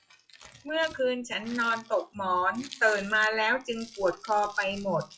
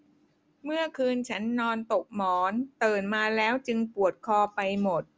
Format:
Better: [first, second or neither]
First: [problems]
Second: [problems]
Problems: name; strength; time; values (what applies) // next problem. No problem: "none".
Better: second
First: noise reduction (classical method WPE with log-MMSE)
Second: none